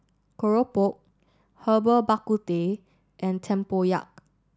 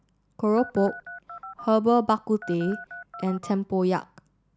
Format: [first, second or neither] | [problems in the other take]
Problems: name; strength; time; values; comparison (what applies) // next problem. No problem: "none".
first | background sound (Telephone); 14 dB below the speech